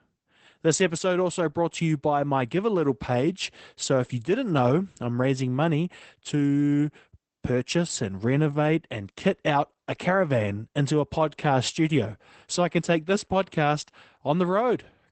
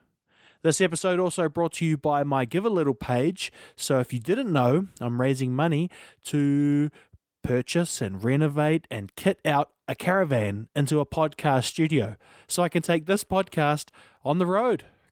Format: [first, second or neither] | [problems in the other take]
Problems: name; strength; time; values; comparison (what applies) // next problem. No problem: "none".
second | garbled, watery; badly; nothing above 8 kHz; slightly in the second